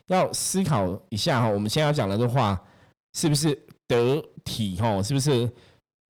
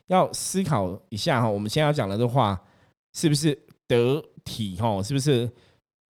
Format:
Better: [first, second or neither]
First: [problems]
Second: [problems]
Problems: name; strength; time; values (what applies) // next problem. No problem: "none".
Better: second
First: distortion; slight; 10 dB below the speech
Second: none